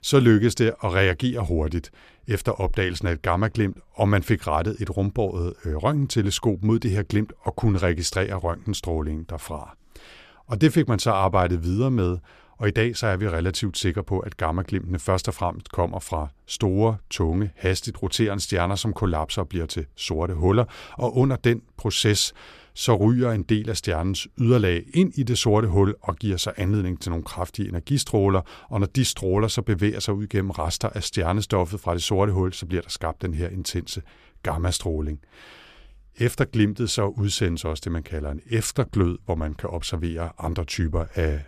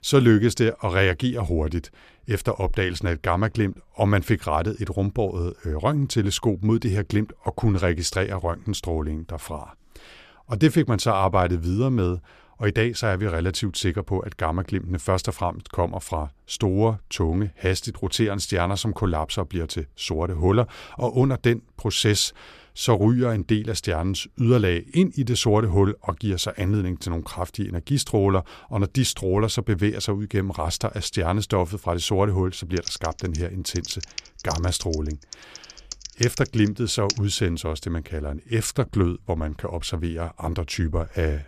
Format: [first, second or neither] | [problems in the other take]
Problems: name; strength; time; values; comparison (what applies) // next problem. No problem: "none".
first | keyboard typing; noticeable; from 33 to 37 s; peak 5 dB below the speech